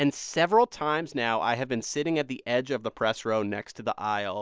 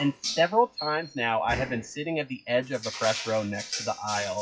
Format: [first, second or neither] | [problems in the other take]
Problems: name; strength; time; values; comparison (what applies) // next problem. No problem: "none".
first | noise reduction (classical method WPE with log-MMSE)